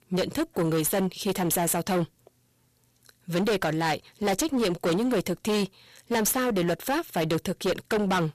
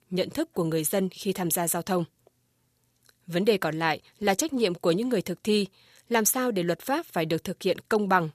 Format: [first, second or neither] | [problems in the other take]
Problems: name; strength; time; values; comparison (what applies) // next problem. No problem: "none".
second | distortion; heavy; 20% of the sound clipped